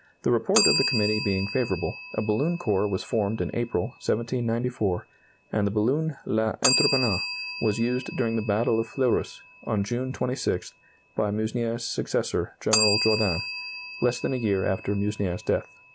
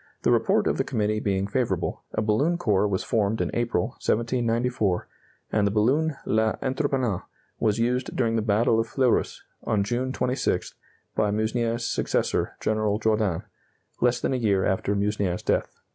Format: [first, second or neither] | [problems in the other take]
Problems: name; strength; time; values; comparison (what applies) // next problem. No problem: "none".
second | background sound (Bell); 7 dB below the speech